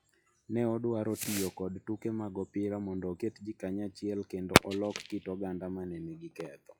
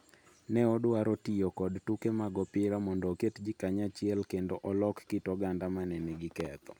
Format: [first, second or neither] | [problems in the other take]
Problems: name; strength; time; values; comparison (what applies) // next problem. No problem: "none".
second | noise reduction (classical method log-MMSE)